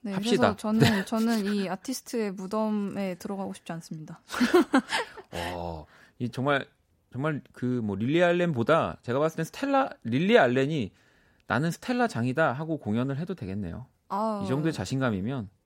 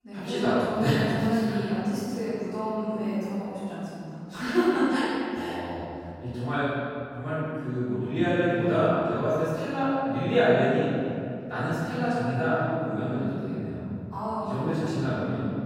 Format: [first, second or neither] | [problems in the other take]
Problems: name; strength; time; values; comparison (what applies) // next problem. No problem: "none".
first | room echo; strong; dies away in 2.6 s // off-mic speech; far